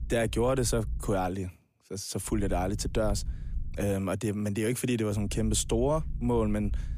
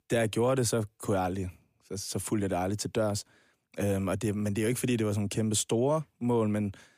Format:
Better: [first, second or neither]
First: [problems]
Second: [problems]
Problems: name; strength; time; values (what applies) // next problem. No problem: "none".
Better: second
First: low rumble; faint; until 1 s, from 2.5 to 4 s and from 5 s on; 25 dB below the speech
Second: none